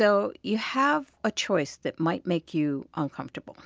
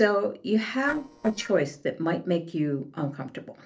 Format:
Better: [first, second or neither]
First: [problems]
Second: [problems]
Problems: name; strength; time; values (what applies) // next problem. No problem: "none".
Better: first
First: none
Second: noise reduction (neural separator model SepFormer DNS4)